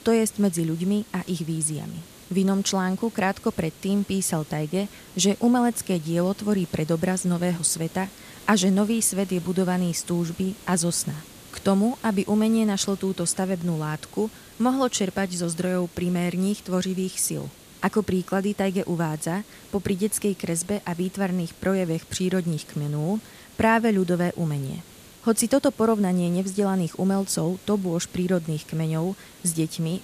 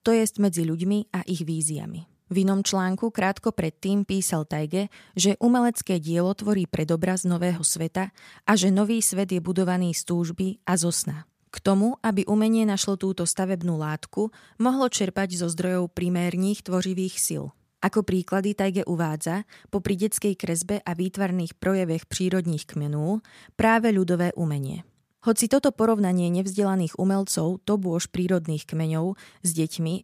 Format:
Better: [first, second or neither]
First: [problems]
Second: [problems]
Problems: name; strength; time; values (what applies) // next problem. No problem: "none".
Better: second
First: hiss; faint; throughout; 20 dB below the speech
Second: none